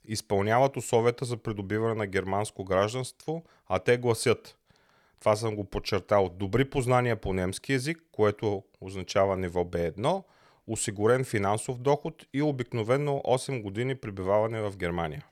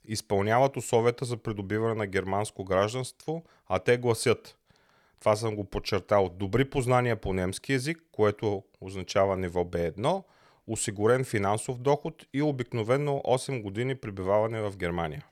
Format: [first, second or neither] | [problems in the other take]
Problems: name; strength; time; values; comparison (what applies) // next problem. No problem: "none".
neither | none